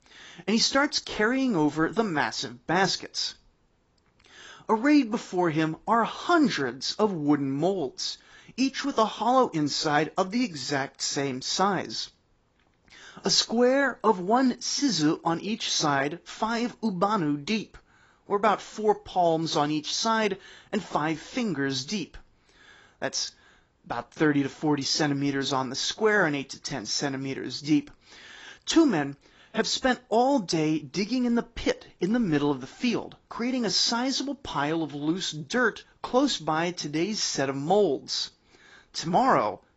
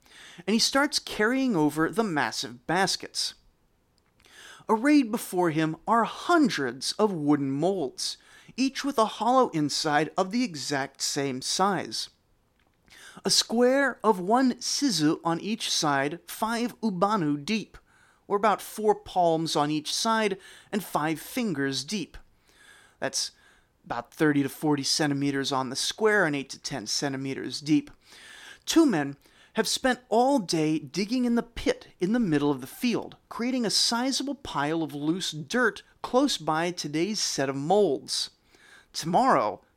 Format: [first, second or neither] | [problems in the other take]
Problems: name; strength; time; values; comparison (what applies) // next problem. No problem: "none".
second | garbled, watery; badly; nothing above 7.5 kHz